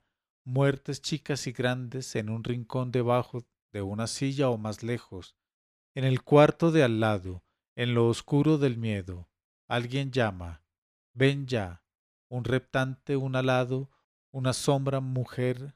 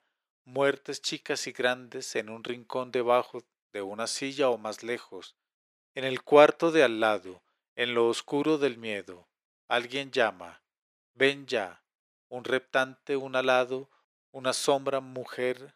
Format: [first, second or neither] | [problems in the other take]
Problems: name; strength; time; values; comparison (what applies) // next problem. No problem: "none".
first | thin; somewhat; fading below 450 Hz